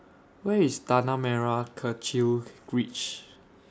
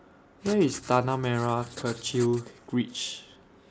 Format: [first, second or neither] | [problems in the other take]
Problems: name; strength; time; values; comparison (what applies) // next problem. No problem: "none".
first | background sound (Writing); 16 dB below the speech